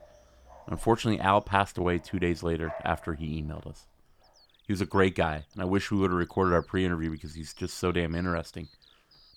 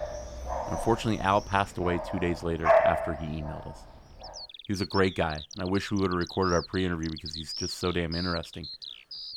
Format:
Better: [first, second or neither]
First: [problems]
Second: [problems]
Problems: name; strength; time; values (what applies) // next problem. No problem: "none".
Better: first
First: animal sounds; faint; throughout; 25 dB below the speech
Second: animal sounds; loud; throughout; 4 dB below the speech